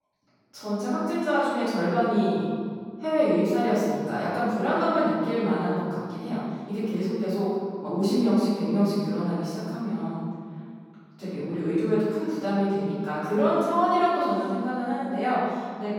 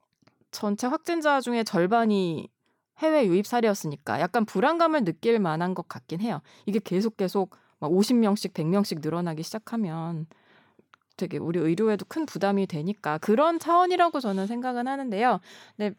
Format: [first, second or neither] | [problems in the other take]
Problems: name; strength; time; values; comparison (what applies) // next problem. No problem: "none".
second | off-mic speech; far // room echo; strong; dies away in 1.8 s